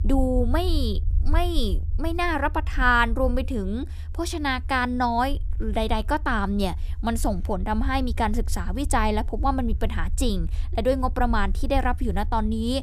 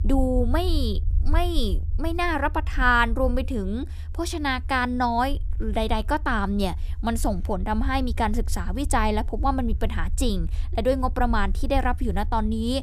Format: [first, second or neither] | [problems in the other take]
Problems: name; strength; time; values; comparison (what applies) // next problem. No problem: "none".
neither | low rumble; faint; throughout; 25 dB below the speech; the same in both